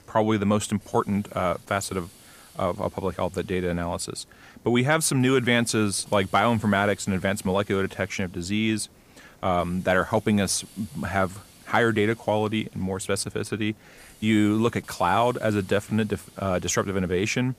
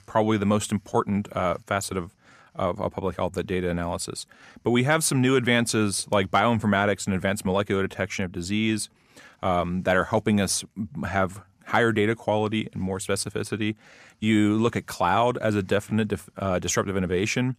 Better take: second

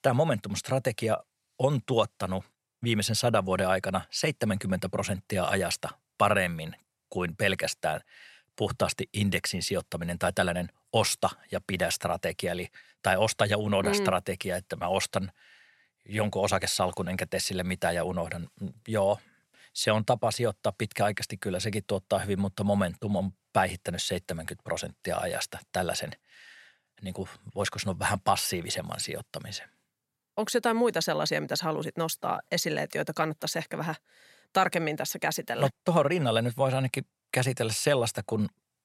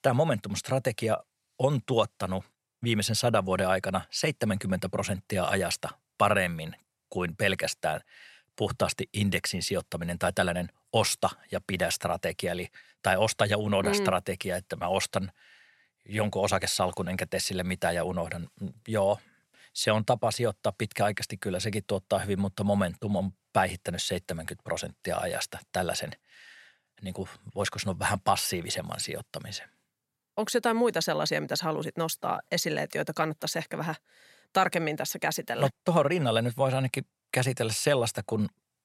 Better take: neither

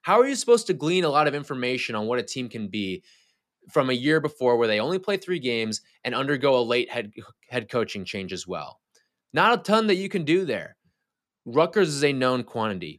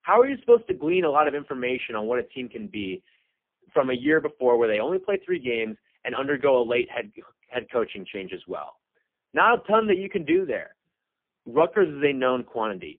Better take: first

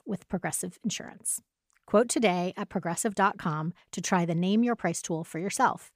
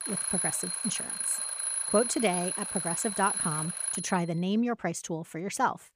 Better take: first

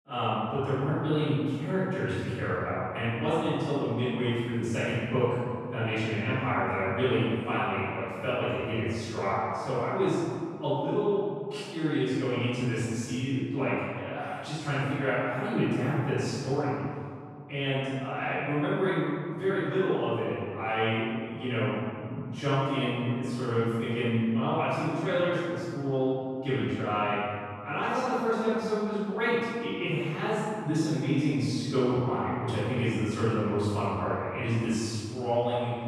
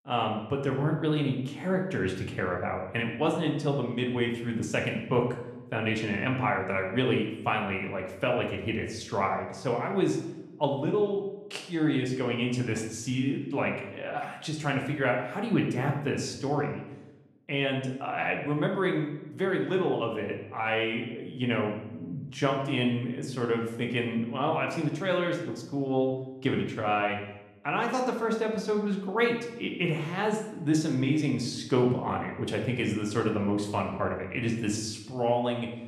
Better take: second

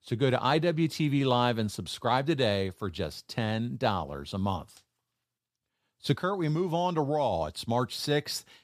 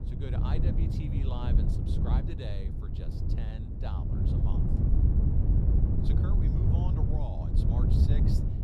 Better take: first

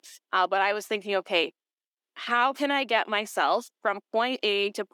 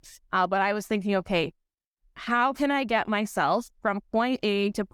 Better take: second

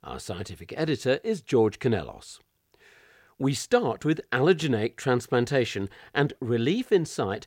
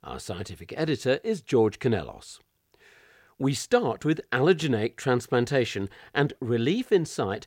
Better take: neither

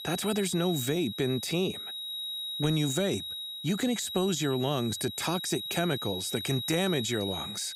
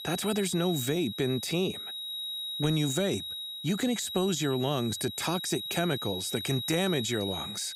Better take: neither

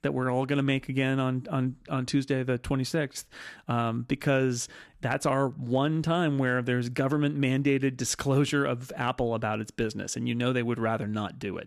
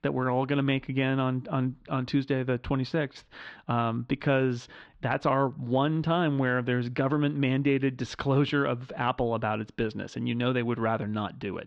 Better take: first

